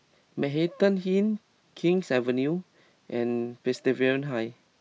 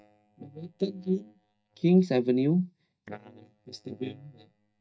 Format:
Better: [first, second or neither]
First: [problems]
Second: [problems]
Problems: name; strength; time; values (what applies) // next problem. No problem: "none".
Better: first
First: none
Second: noise reduction (neural mask model DeepFilterNet 3)